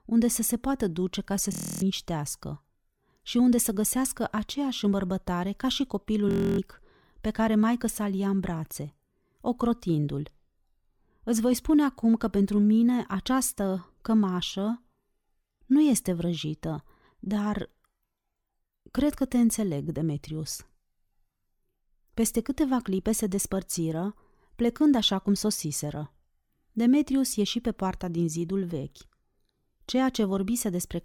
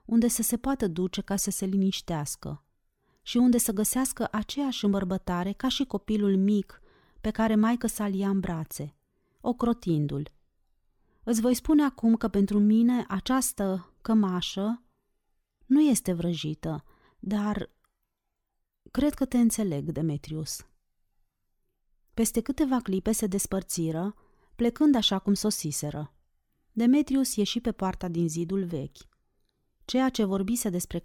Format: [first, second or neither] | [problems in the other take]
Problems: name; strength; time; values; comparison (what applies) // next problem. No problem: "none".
second | audio freezing; at 1.5 s and at 6.5 s